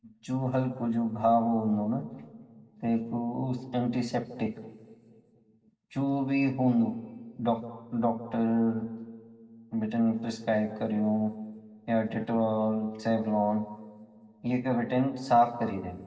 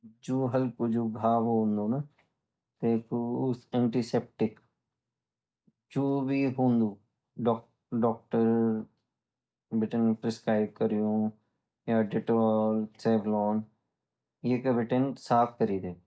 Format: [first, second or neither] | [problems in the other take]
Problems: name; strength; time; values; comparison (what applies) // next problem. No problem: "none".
second | room echo; dies away in 1.3 s